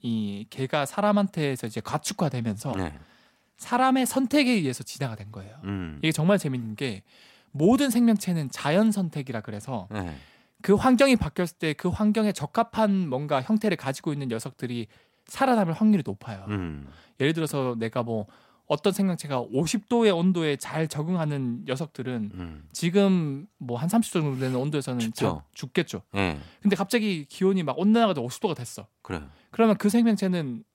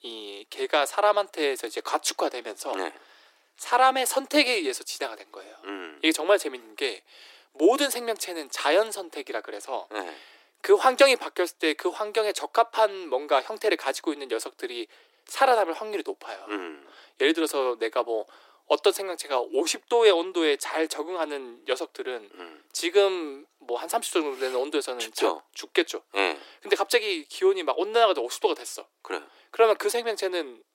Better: first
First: none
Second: thin; very; fading below 300 Hz

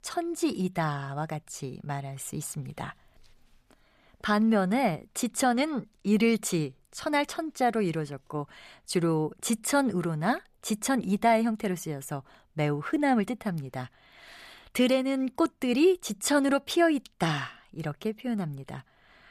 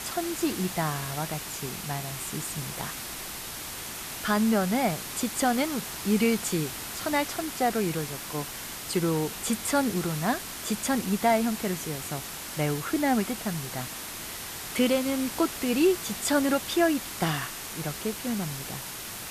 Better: first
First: none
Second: hiss; loud; throughout; 6 dB below the speech

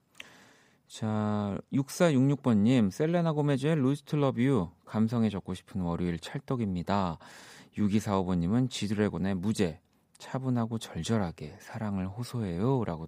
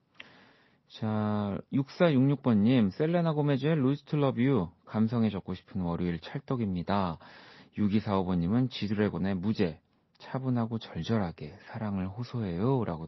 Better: first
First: none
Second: garbled, watery; slightly; nothing above 5.5 kHz

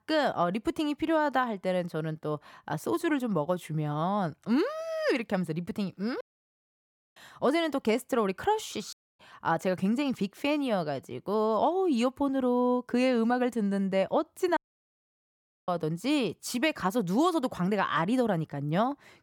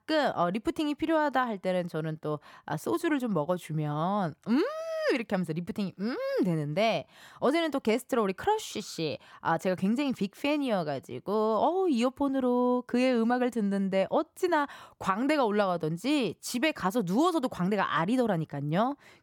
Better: second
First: audio cutting out; at 6 s for 1 s, at 9 s and at 15 s for 1 s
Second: none

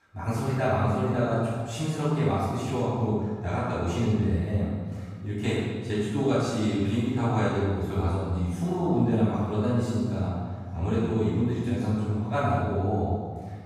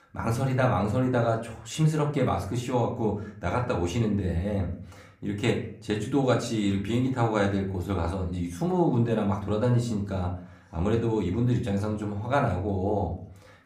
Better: second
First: room echo; strong; dies away in 1.4 s // off-mic speech; far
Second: room echo; slight; dies away in 0.4 s // off-mic speech; somewhat distant

